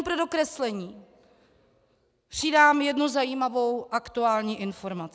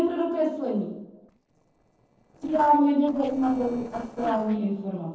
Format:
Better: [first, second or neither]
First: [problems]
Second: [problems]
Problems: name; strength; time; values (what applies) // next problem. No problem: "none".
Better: first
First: none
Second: noise reduction (neural separator model SepFormer DNS4)